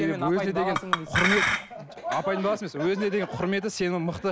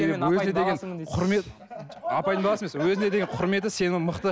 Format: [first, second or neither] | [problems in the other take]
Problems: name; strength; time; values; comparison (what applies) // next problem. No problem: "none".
second | background sound (Chink, clink); 2 dB below the speech